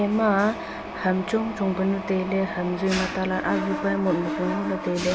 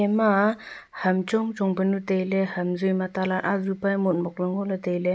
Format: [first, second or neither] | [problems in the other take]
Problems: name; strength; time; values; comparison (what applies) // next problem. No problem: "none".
second | background sound (Mechanisms); 7 dB below the speech